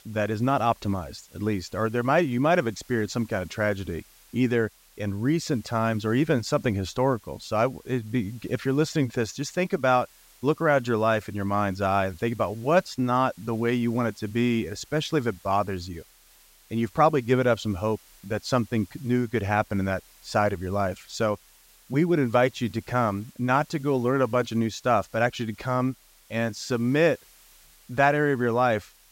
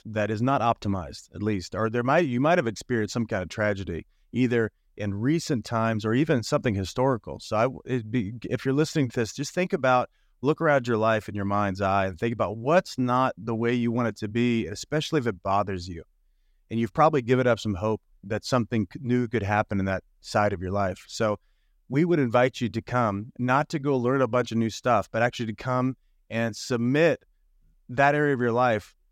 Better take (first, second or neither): second